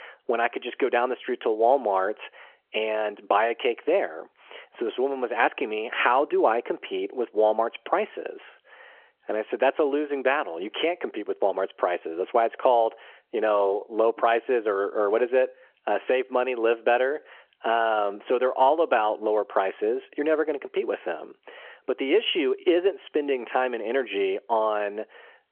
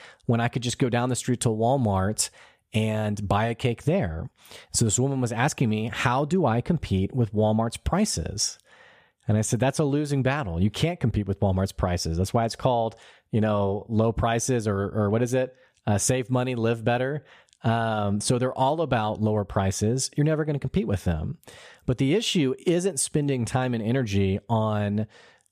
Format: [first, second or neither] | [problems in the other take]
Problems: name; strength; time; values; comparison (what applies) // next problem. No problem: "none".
second | phone-call audio; nothing above 3 kHz